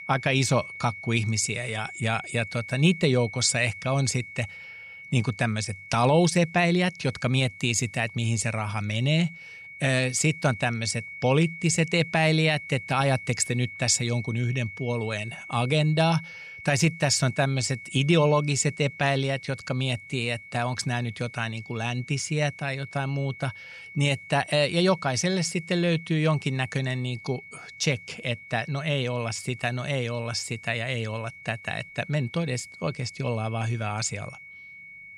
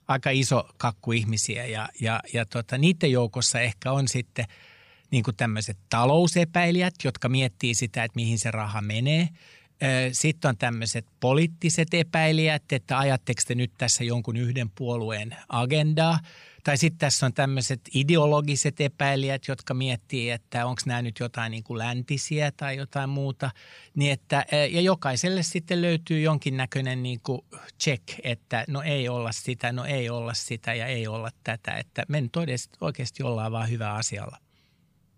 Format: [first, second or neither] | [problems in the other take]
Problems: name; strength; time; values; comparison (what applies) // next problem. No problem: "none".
second | high-pitched whine; noticeable; throughout; 2 kHz, 15 dB below the speech